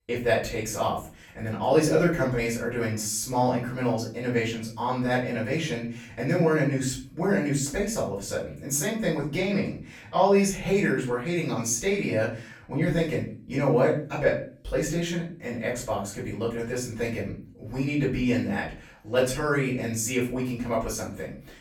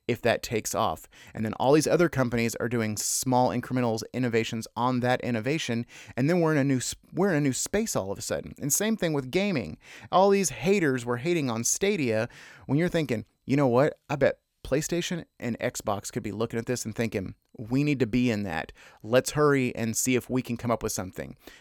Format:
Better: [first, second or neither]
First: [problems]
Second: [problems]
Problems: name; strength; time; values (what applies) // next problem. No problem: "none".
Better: second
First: off-mic speech; far // room echo; slight; dies away in 0.4 s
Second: none